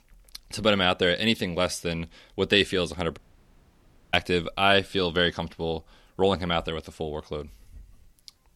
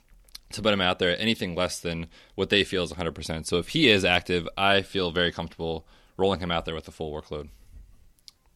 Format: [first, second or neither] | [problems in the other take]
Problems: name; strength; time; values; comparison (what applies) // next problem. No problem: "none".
second | audio cutting out; at 3 s for 1 s